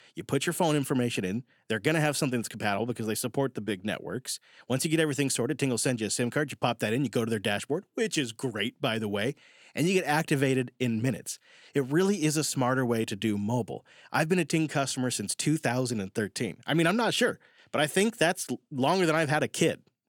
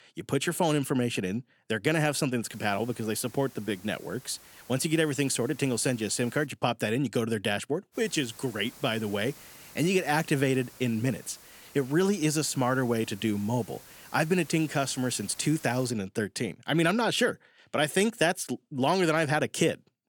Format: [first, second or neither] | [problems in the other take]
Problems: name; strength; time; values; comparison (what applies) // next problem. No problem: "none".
first | hiss; faint; from 2.5 to 6.5 s and from 8 to 16 s; 20 dB below the speech